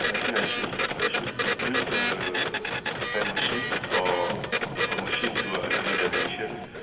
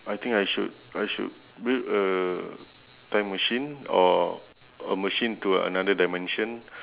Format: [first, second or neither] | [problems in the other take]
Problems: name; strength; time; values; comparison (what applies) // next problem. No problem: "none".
second | background sound (Printer); 4 dB above the speech // room echo; dies away in 2.9 s